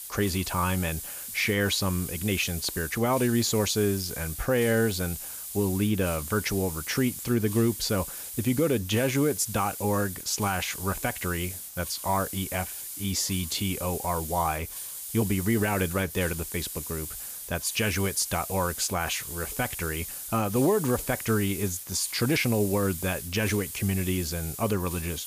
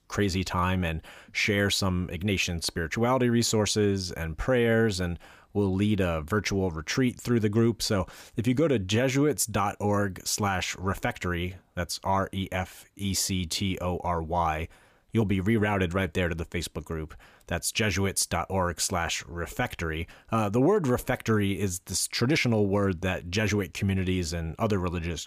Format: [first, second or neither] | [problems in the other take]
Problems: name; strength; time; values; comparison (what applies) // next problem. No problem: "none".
second | hiss; loud; throughout; 7 dB below the speech